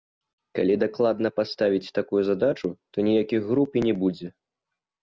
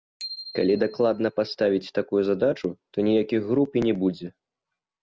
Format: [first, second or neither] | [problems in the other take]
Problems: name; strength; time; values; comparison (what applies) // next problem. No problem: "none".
first | background sound (Bicycle bell); 19 dB below the speech